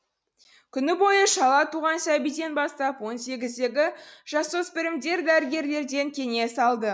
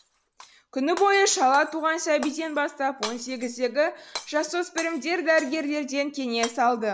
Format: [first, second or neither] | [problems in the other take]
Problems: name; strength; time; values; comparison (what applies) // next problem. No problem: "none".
first | background sound (Shatter); 16 dB below the speech